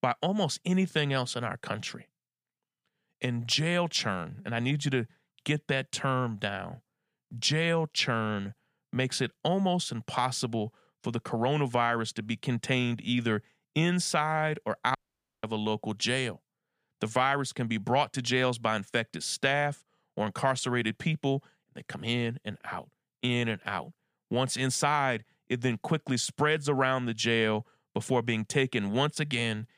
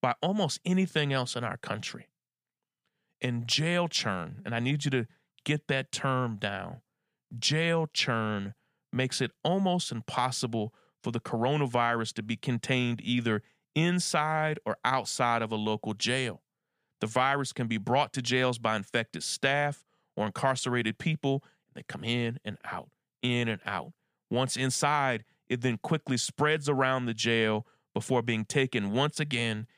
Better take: second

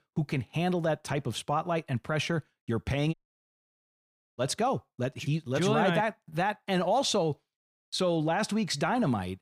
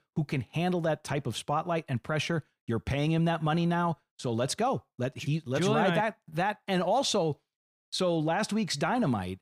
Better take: second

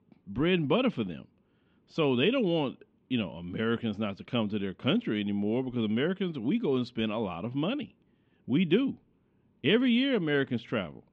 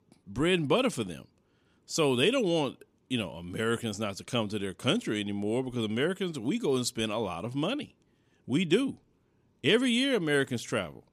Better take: second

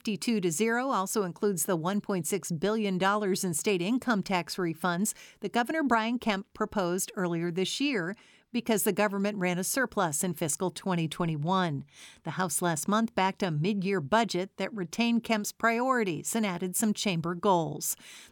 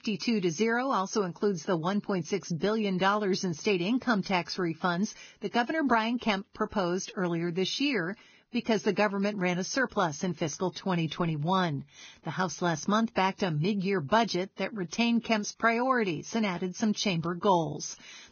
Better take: first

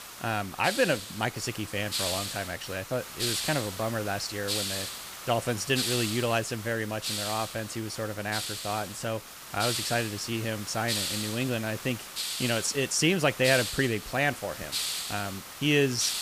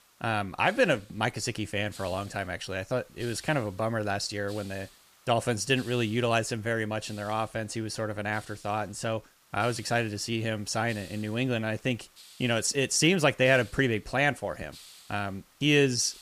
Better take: second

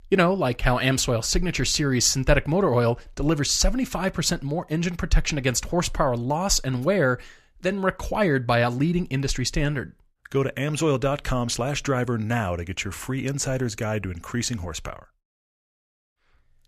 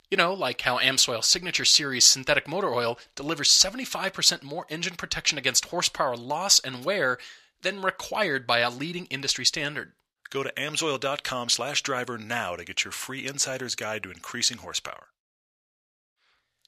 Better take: first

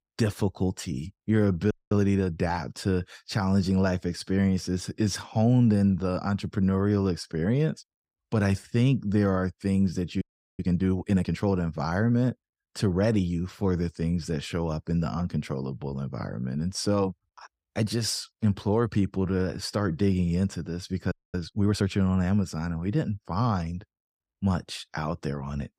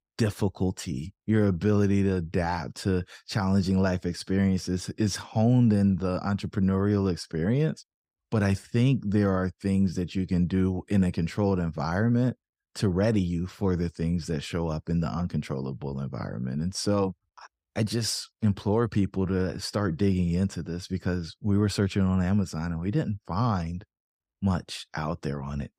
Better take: second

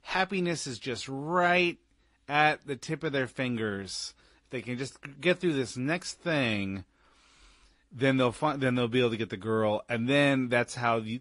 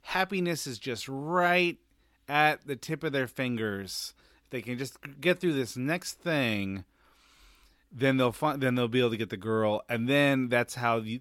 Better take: second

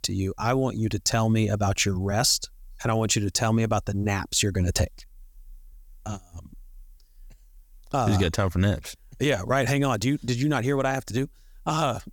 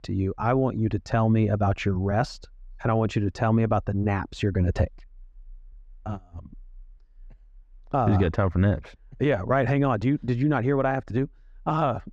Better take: first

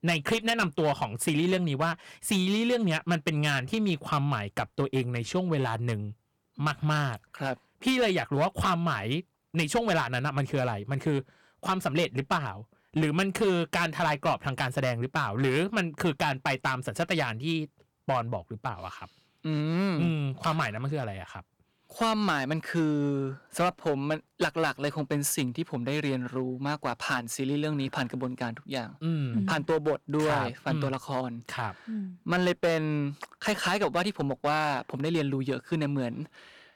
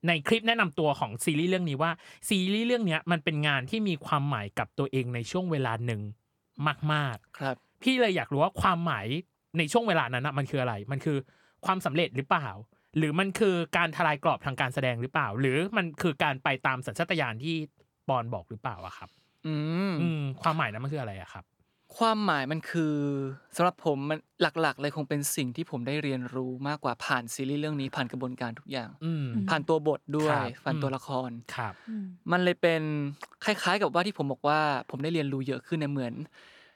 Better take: second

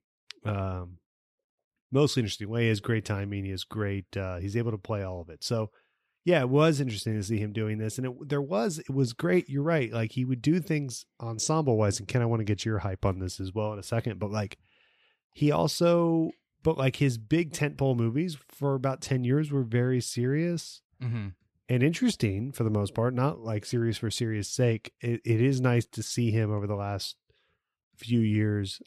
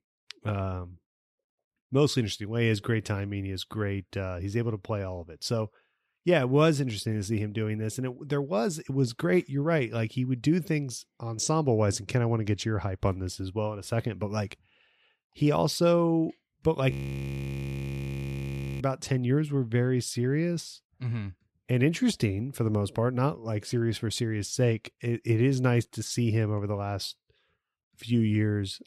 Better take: first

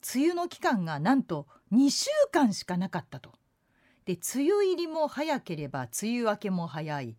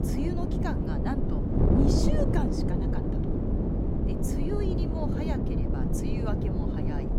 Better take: first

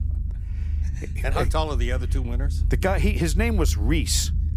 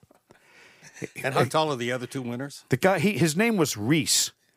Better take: second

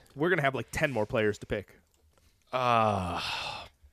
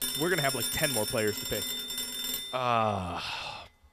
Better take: first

